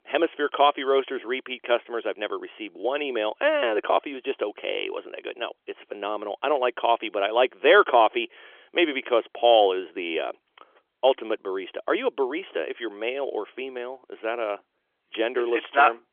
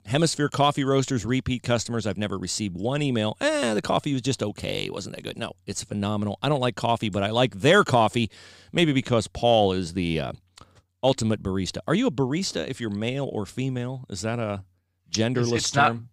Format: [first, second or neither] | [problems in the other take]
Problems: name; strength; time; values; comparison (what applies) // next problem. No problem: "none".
second | phone-call audio; nothing above 3.5 kHz